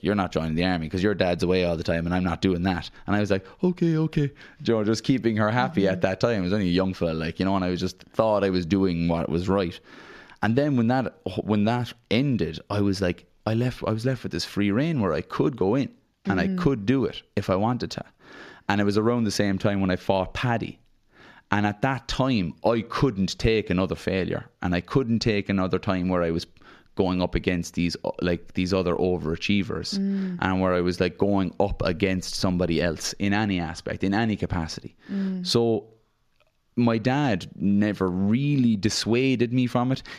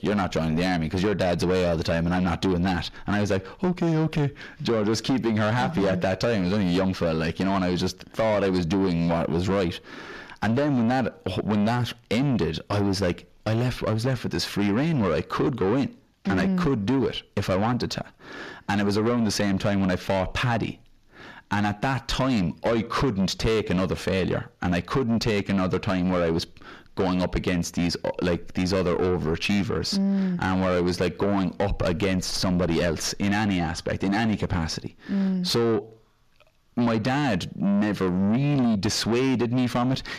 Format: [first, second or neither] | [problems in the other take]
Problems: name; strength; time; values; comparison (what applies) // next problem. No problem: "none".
first | distortion; heavy; 7 dB below the speech